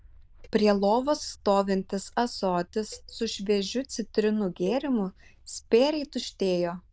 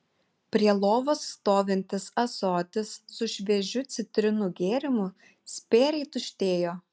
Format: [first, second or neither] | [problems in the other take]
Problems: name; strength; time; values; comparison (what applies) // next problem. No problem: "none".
second | noise reduction (neural diffusion model UNIVERSE++)